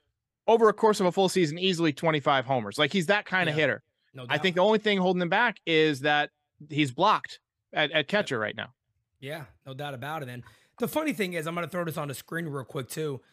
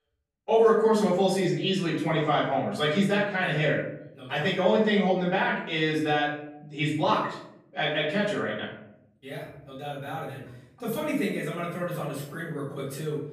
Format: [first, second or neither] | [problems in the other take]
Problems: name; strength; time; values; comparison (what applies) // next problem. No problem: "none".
first | off-mic speech; far // room echo; noticeable; dies away in 0.7 s